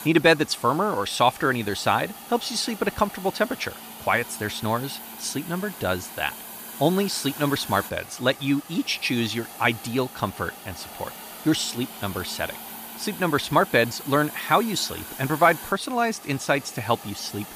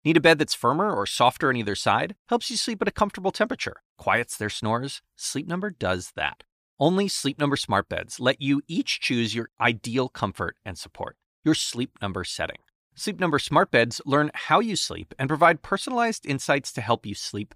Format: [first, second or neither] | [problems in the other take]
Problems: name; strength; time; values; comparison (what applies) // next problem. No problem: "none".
second | hiss; noticeable; throughout; 15 dB below the speech